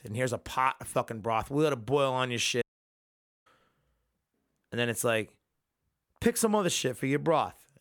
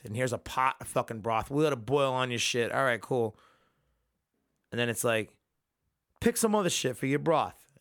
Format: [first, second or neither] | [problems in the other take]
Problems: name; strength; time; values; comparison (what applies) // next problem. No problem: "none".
second | audio cutting out; at 2.5 s for 1 s